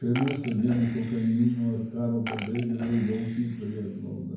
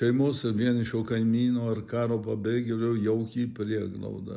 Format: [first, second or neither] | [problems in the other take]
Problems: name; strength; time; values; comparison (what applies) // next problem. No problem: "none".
second | background sound (Burping, eructation); 16 dB below the speech // room echo; dies away in 0.9 s